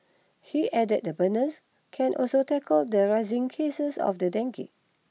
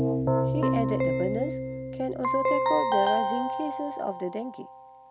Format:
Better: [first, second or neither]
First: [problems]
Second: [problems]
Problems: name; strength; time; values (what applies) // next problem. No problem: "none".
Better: first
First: none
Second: background sound (Keyboard (musical)); 5 dB above the speech